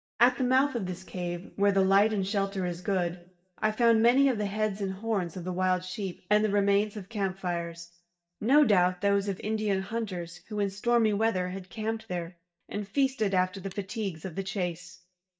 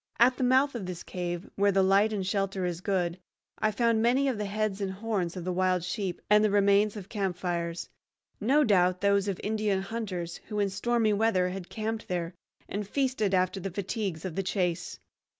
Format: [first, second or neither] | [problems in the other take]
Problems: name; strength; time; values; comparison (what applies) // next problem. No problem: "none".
second | noise reduction (neural mask model DeepFilterNet 3)